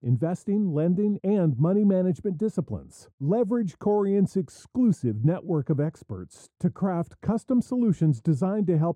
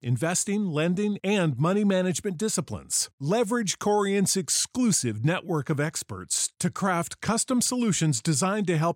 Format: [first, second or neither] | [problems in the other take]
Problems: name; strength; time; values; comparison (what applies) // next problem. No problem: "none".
second | muffled; very; fading above 1 kHz